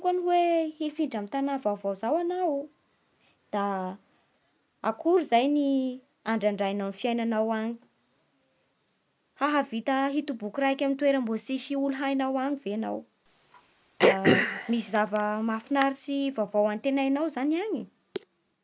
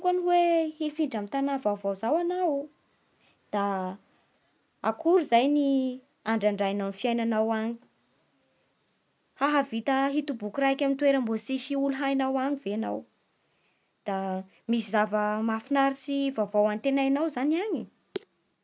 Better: second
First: background sound (Cough); as loud as the speech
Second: none

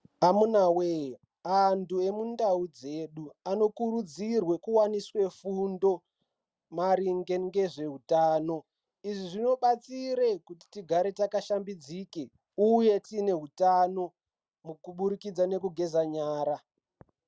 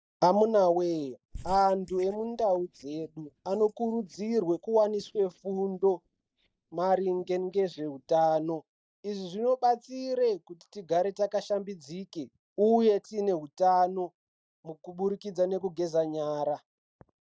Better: first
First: none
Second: noise reduction (neural mask model DeepFilterNet 3)

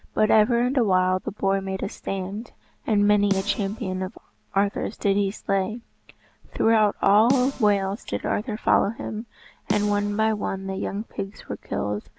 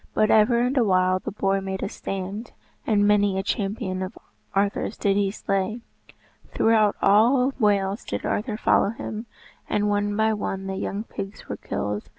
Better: second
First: background sound (Snare drum); 13 dB below the speech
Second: none

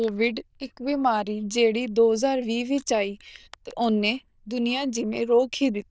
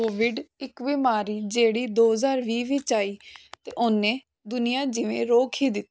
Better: second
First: noise reduction (neural diffusion model UNIVERSE++)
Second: none

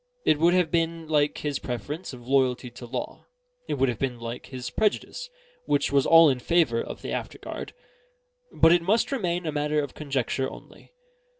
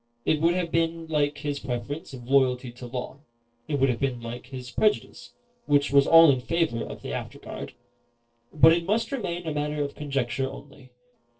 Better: first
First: none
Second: noise reduction (neural separator model SepFormer DNS4)

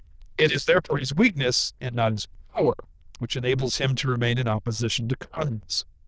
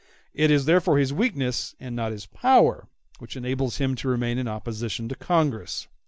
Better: second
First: noise reduction (neural diffusion model UNIVERSE++)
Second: none

